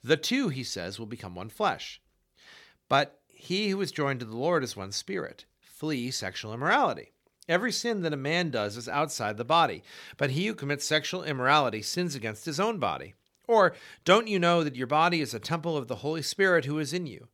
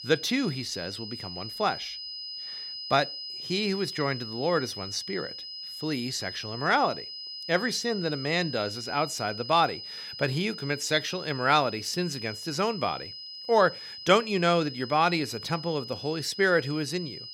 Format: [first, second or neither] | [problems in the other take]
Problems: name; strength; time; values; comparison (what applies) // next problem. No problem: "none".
first | high-pitched whine; loud; throughout; 5 kHz, 9 dB below the speech